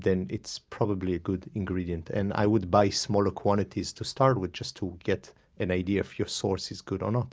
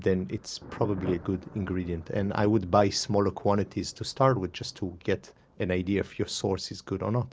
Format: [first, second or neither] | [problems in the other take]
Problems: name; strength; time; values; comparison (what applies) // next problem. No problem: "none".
first | background sound (Thunder); 19 dB below the speech